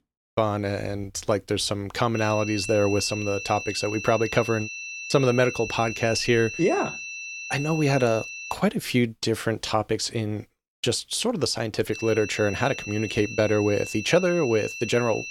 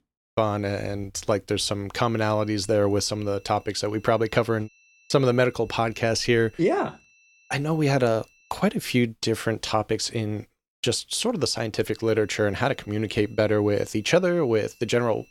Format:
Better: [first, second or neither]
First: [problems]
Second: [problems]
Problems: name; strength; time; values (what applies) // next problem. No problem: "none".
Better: second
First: high-pitched whine; loud; from 2 to 8.5 s and from 12 s on; 2.5 kHz, 9 dB below the speech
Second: high-pitched whine; faint; from 2 to 8.5 s and from 12 s on; 2.5 kHz, 30 dB below the speech